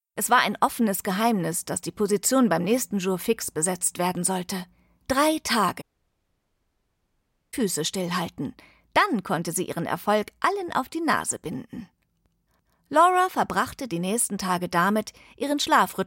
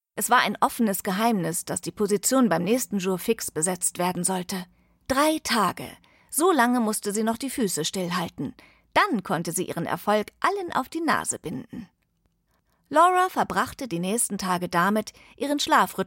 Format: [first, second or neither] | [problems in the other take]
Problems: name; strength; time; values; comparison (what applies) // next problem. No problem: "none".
second | audio cutting out; at 6 s for 1.5 s